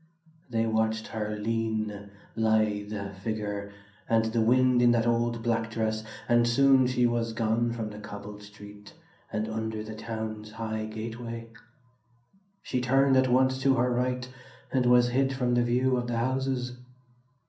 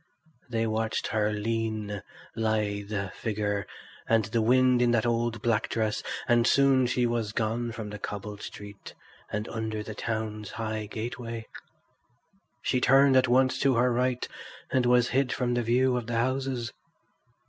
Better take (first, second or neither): second